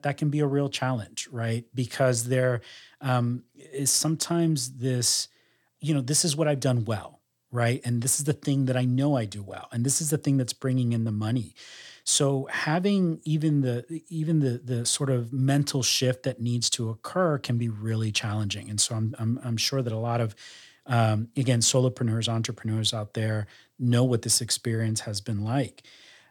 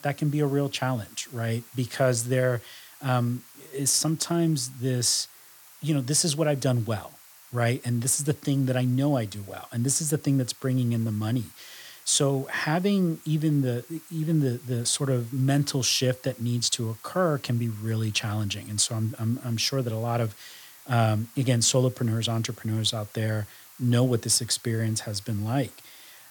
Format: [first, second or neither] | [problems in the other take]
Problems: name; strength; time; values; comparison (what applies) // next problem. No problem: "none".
first | hiss; faint; throughout; 20 dB below the speech